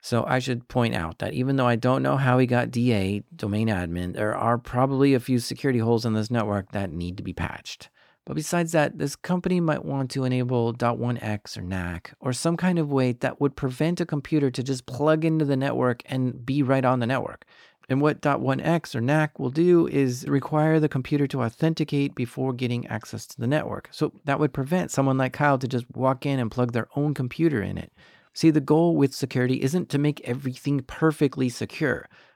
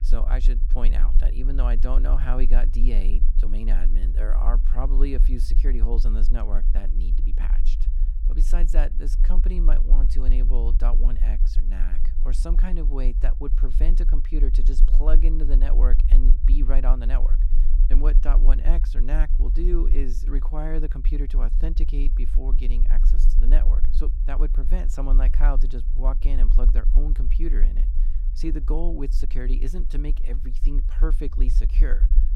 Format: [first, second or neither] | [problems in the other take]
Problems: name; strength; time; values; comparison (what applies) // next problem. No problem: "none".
first | low rumble; noticeable; throughout; 10 dB below the speech